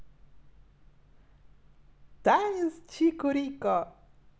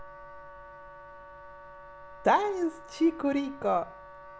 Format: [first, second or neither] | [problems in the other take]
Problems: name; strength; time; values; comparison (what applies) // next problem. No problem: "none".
first | background sound (Wind instrument, woodwind instrument); 17 dB below the speech